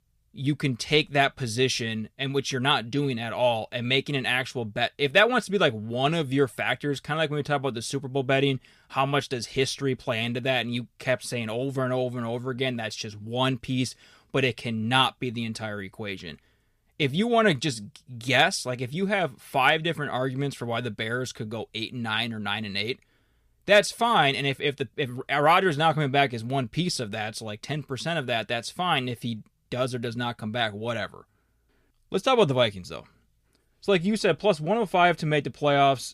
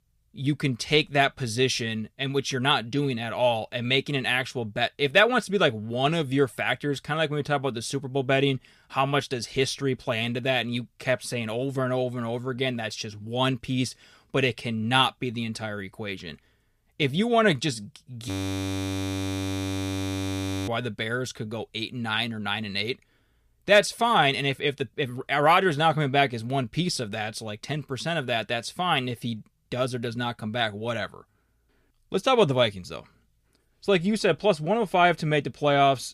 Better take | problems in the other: first | audio freezing; at 18 s for 2.5 s

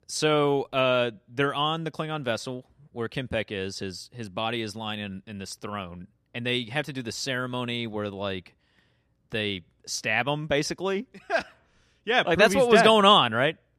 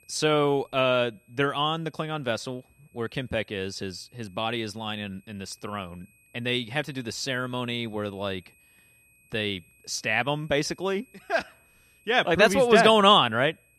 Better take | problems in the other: first | high-pitched whine; faint; throughout; 2.5 kHz, 35 dB below the speech

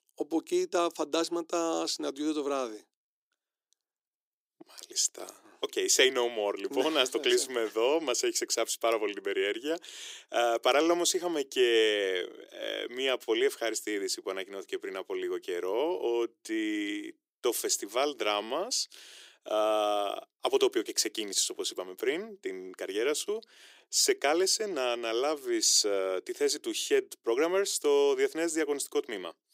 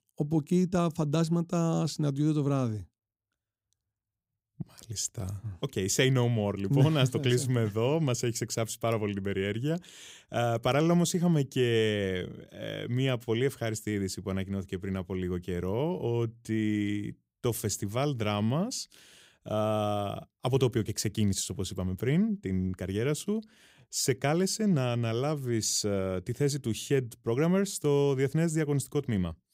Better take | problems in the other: second | thin; very; fading below 350 Hz

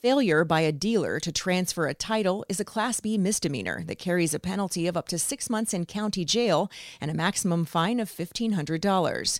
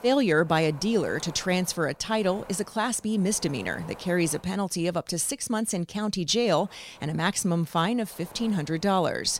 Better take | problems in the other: first | wind noise on the microphone; occasional gusts; until 4.5 s and from 6.5 s on; 20 dB below the speech

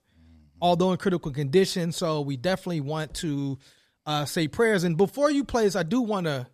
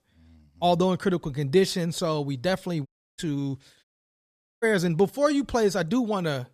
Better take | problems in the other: first | audio cutting out; at 3 s and at 4 s for 1 s

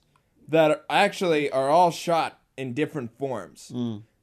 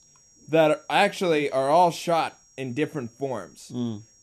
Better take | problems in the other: first | high-pitched whine; faint; throughout; 5.5 kHz, 30 dB below the speech

